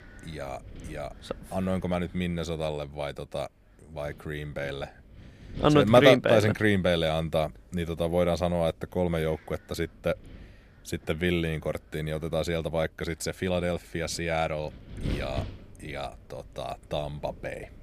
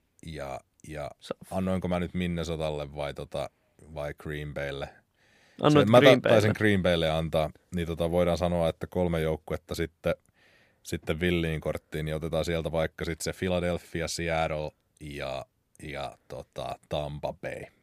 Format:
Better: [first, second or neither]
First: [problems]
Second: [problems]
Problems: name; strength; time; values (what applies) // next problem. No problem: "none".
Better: second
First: wind noise on the microphone; occasional gusts; 25 dB below the speech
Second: none